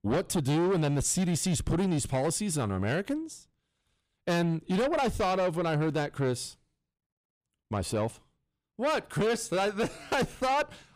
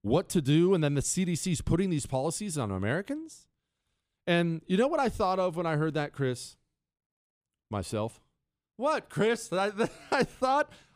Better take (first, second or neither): second